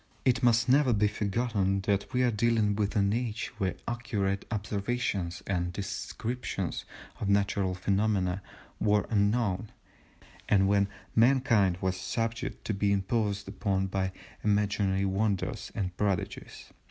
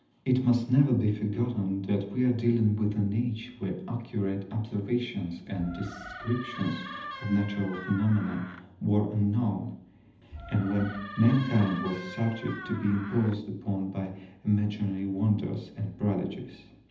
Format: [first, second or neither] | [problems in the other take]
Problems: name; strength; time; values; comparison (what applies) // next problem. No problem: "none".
first | background sound (Door); 13 dB below the speech // room echo; dies away in 0.8 s